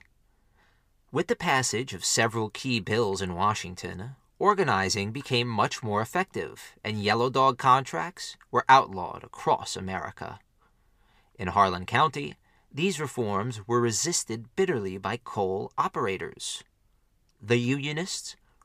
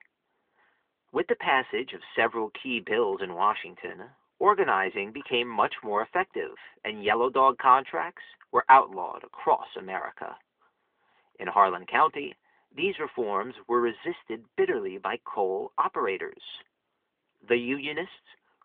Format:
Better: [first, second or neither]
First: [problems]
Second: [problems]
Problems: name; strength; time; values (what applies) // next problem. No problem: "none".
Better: first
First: none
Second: phone-call audio